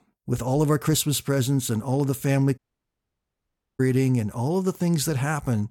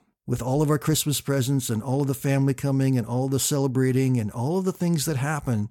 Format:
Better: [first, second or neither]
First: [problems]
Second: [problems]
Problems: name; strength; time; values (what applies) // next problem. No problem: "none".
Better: second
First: audio cutting out; at 2.5 s for 1 s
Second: none